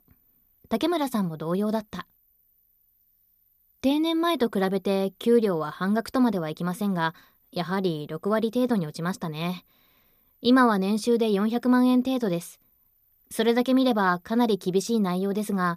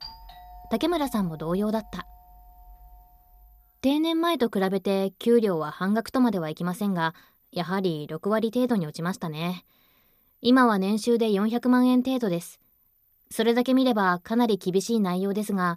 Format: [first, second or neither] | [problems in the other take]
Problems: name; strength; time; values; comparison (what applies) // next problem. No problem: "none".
first | doorbell; faint; until 3.5 s; peak 15 dB below the speech